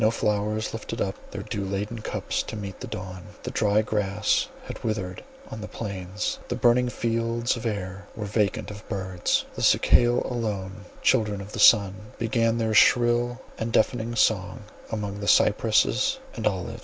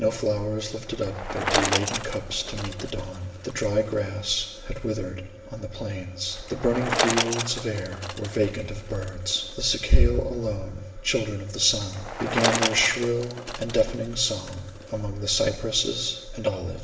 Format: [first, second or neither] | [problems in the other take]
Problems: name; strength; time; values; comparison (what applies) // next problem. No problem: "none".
first | background sound (Bicycle); 7 dB below the speech // room echo; dies away in 1.1 s